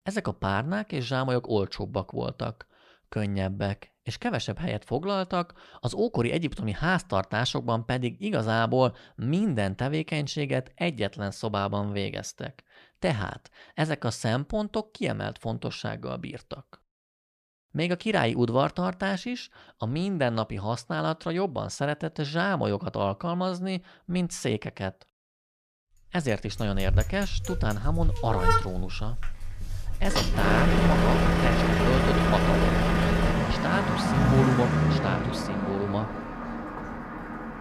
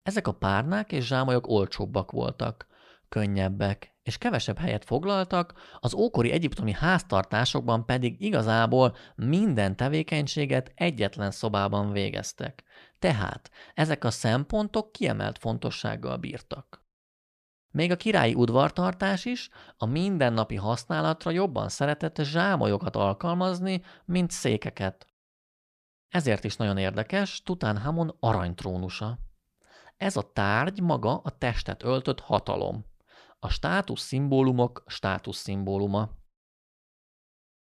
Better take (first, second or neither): second